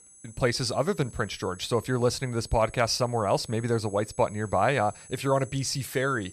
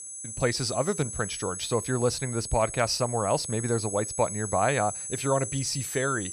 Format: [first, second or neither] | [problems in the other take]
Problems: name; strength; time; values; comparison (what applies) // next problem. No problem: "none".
first | high-pitched whine; loud; throughout; 7.5 kHz, 6 dB below the speech; faint in the first